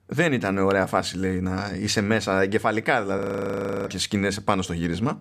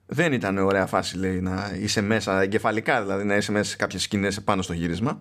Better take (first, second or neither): second